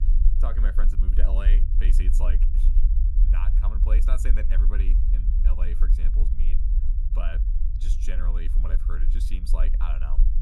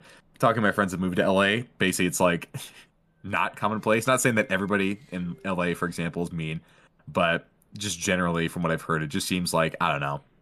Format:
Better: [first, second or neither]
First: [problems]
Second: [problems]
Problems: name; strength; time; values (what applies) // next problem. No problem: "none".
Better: second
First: low rumble; loud; throughout; 6 dB below the speech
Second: none